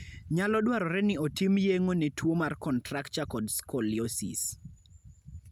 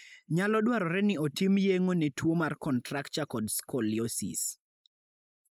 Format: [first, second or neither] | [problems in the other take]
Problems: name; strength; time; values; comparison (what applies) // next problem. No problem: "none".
first | noise reduction (neural mask model Resemble Enhance denoiser)